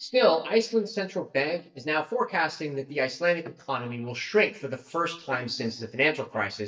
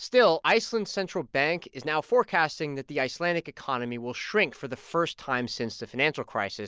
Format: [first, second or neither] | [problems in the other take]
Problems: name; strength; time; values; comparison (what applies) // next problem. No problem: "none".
second | noise reduction (neural mask model DeepFilterNet 3)